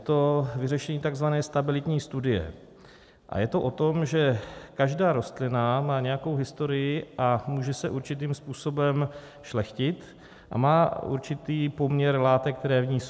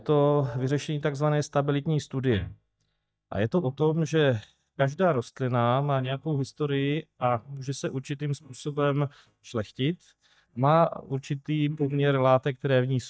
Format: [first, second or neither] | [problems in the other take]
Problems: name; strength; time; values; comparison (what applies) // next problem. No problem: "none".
first | noise reduction (neural mask model DeepFilterNet 3)